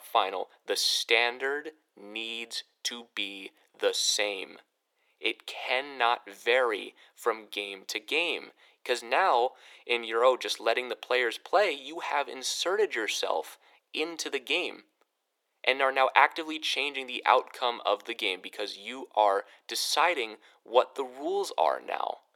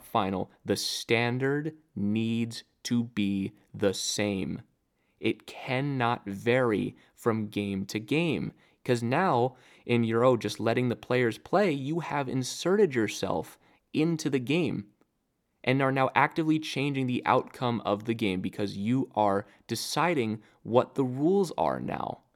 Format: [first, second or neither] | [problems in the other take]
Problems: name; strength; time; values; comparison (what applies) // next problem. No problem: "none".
second | thin; very; fading below 450 Hz